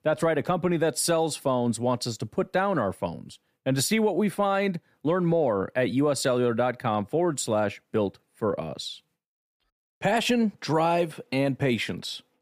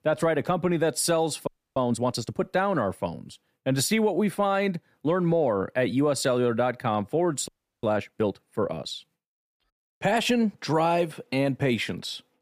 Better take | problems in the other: first | audio freezing; at 1.5 s and at 7.5 s

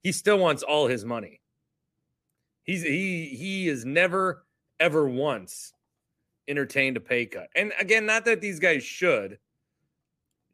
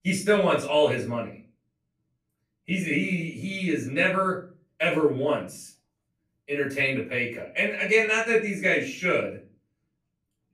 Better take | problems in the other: first | off-mic speech; far // room echo; slight; dies away in 0.3 s

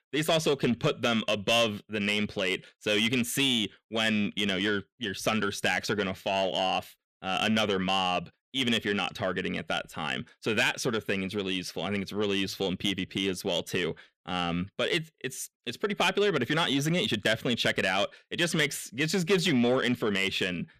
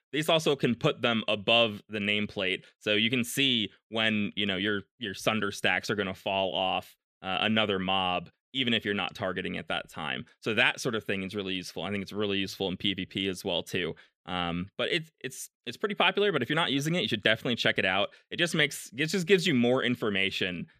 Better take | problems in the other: second | distortion; slight; 10 dB below the speech

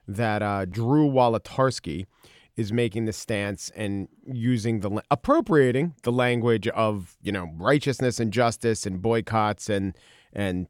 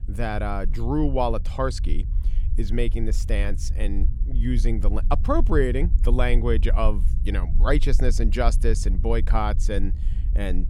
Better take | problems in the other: first | low rumble; noticeable; throughout; 20 dB below the speech

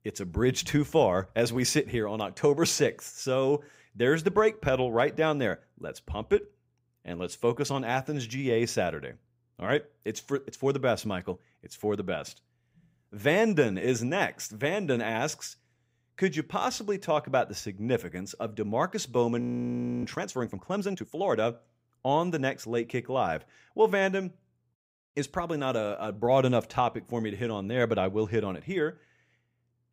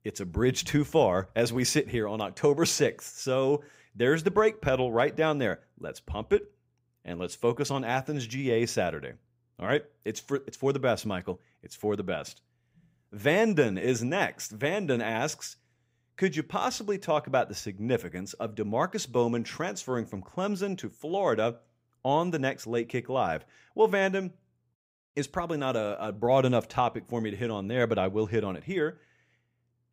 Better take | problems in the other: second | audio freezing; at 19 s for 0.5 s

